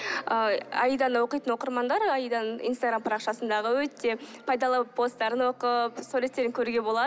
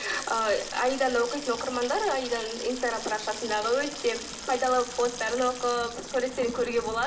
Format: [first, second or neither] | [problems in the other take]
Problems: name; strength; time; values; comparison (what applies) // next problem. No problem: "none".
first | background sound (Sink (filling or washing) / Water tap, faucet); 11 dB below the speech // room echo; dies away in 0.6 s